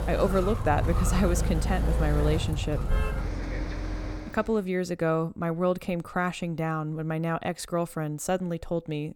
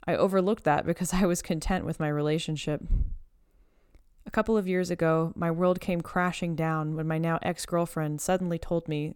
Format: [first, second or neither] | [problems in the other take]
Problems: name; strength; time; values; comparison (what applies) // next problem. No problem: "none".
second | traffic noise; loud; until 4.5 s; 1 dB below the speech